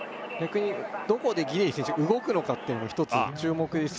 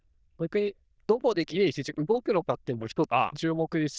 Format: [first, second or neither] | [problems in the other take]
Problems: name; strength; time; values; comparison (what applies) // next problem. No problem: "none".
first | noise reduction (neural diffusion model UNIVERSE++)